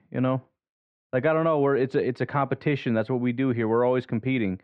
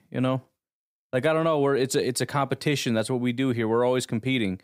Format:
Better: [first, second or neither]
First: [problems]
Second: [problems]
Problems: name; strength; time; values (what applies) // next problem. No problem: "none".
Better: second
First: muffled; very; fading above 2.5 kHz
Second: none